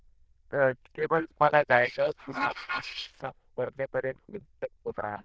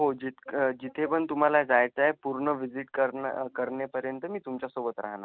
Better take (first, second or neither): second